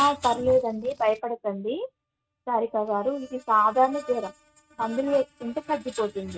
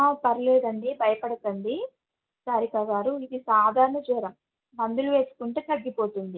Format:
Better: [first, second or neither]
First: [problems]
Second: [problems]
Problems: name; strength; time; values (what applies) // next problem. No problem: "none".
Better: second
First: noise reduction (neural mask model RNNoise)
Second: none